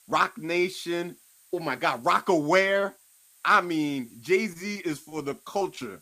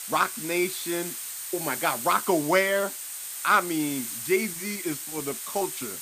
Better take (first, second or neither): first